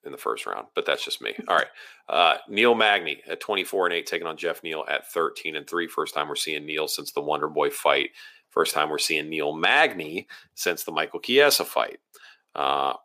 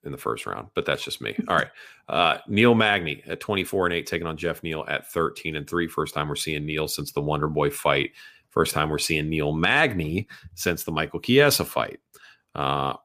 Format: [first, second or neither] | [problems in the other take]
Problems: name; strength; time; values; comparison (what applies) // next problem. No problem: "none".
second | thin; somewhat; fading below 450 Hz